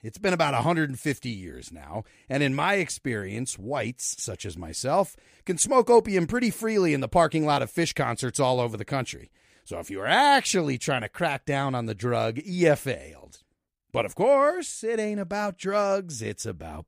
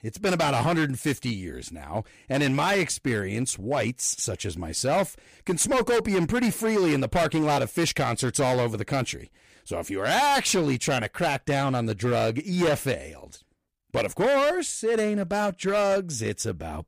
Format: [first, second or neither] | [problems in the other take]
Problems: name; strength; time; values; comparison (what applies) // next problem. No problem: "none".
first | distortion; heavy; 13% of the sound clipped